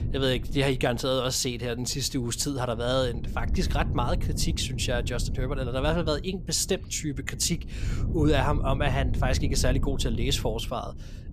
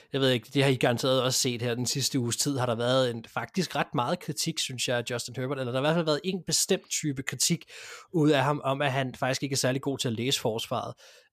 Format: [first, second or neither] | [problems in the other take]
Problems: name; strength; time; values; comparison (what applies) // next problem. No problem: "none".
second | wind noise on the microphone; occasional gusts; 15 dB below the speech